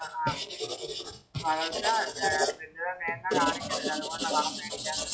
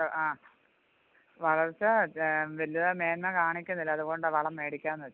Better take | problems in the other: second | noise reduction (classical method WPE with log-MMSE)

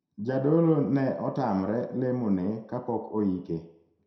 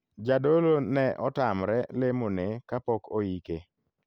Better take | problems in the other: second | room echo; dies away in 0.6 s

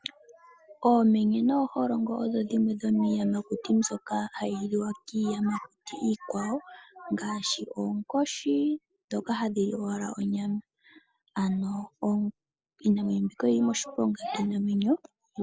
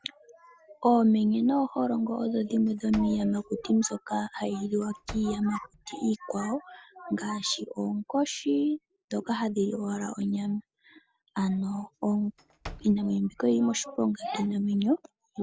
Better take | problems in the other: first | background sound (Slam / Wood); 19 dB below the speech

